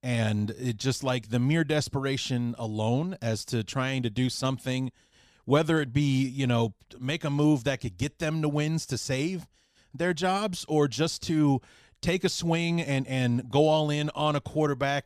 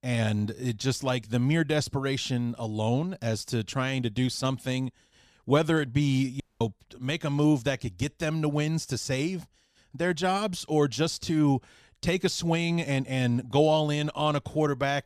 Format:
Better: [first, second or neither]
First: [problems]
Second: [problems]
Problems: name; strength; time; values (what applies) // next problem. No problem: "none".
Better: first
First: none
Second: audio cutting out; at 6.5 s